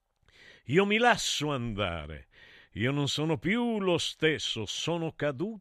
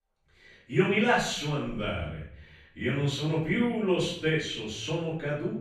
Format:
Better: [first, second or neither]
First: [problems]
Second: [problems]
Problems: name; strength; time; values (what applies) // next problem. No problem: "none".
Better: first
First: none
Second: off-mic speech; far // room echo; noticeable; dies away in 0.6 s